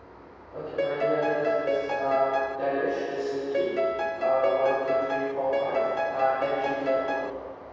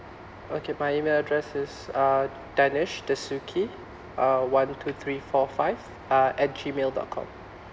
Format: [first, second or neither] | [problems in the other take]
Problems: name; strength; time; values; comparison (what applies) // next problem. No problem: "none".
second | background sound (Piano); 1 dB above the speech // room echo; dies away in 2.2 s